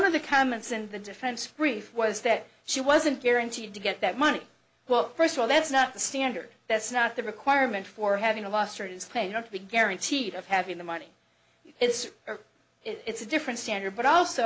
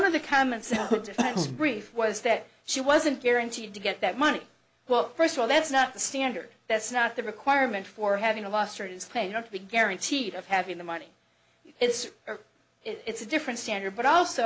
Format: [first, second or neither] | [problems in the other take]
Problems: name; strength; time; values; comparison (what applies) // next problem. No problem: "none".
first | background sound (Cough); 4 dB below the speech